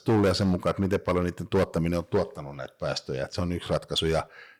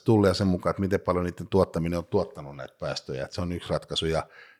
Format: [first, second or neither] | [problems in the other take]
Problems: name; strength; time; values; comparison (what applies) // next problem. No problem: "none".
second | distortion; slight; 6% of the sound clipped